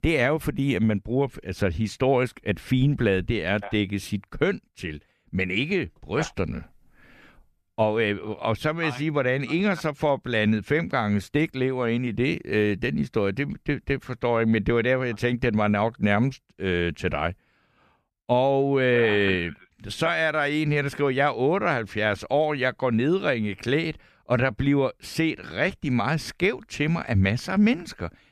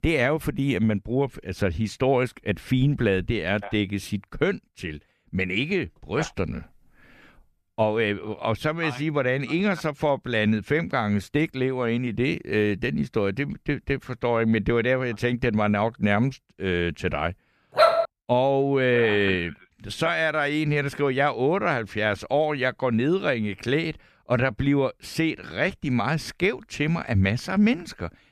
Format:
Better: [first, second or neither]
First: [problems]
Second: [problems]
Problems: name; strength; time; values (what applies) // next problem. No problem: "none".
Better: first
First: none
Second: dog barking; loud; at 18 s; peak 5 dB above the speech